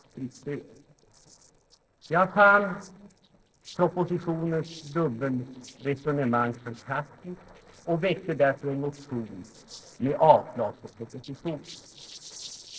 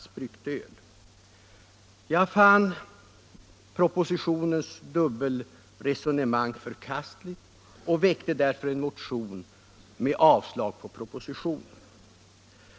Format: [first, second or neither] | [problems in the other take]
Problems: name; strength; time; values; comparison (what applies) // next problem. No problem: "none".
second | noise reduction (neural separator model SepFormer DNS4)